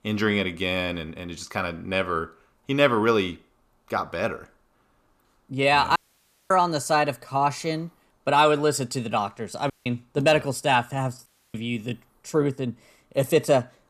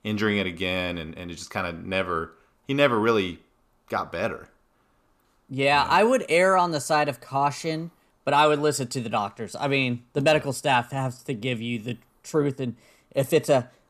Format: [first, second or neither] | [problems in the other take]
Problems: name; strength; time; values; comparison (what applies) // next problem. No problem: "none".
second | audio cutting out; at 6 s for 0.5 s, at 9.5 s and at 11 s